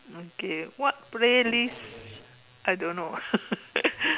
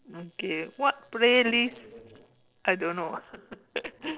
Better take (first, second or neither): first